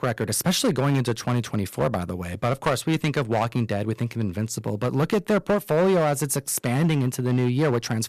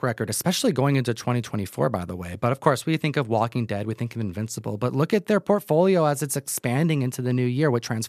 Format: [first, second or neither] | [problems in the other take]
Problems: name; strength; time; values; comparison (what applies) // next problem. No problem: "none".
second | distortion; slight; 7% of the sound clipped